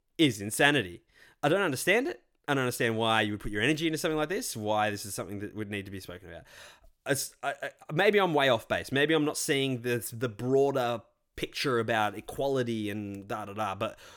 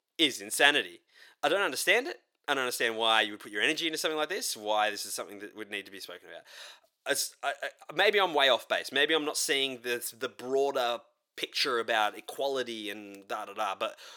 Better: first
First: none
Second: thin; somewhat; fading below 450 Hz

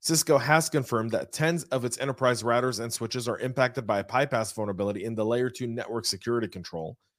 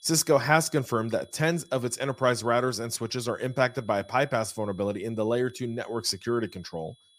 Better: first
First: none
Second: high-pitched whine; faint; throughout; 3.5 kHz, 30 dB below the speech

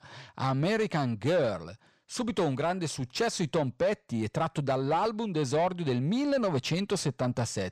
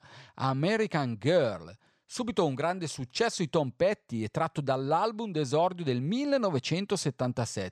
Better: second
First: distortion; slight; 10 dB below the speech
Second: none

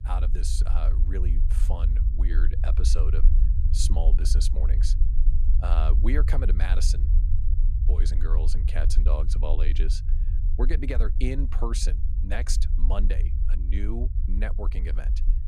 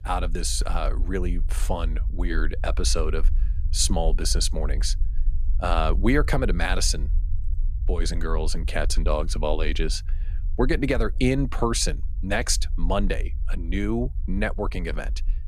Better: second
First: low rumble; loud; throughout; 9 dB below the speech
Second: low rumble; faint; throughout; 25 dB below the speech

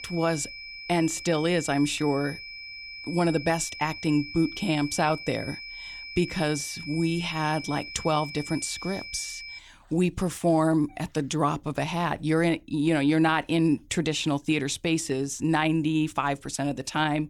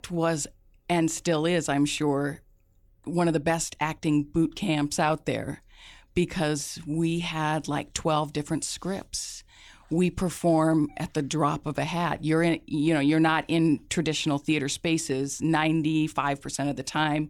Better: second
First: high-pitched whine; noticeable; until 9.5 s; 2.5 kHz, 10 dB below the speech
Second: none

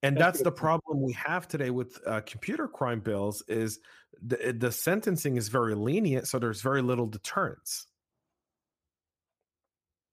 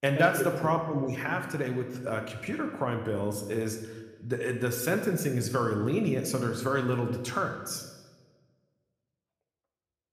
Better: first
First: none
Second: room echo; slight; dies away in 1.1 s

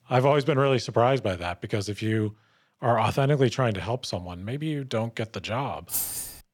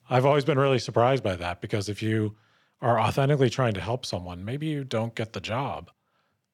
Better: second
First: jangling keys; noticeable; at 6 s; peak 1 dB below the speech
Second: none

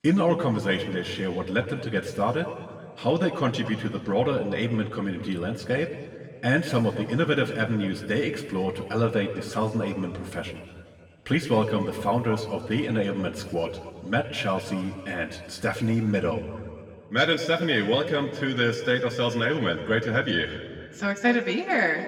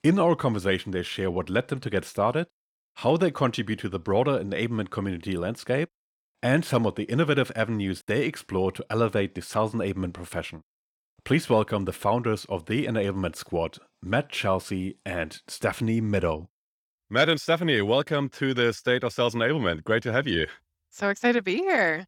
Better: second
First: room echo; slight; dies away in 1.9 s // off-mic speech; somewhat distant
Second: none

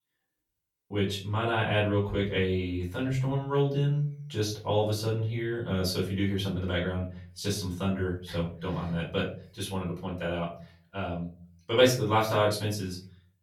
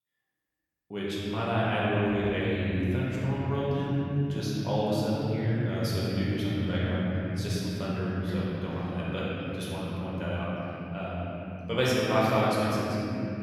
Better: first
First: room echo; slight; dies away in 0.4 s // off-mic speech; far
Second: room echo; strong; dies away in 3 s // off-mic speech; far

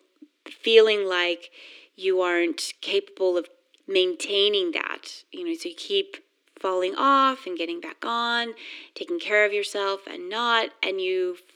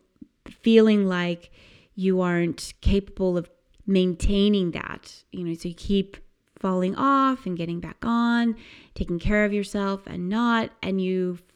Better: second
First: thin; very; fading below 300 Hz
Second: none

